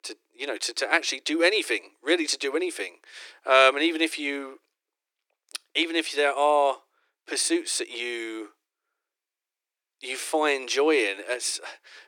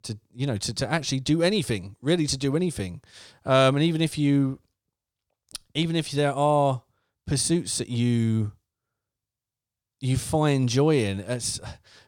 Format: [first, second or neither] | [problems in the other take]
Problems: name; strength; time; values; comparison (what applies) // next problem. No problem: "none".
second | thin; very; fading below 300 Hz